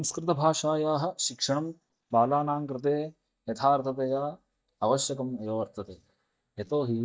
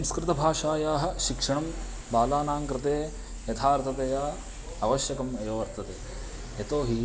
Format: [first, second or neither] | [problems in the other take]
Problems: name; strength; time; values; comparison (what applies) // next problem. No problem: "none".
second | noise reduction (neural mask model DeepFilterNet 3)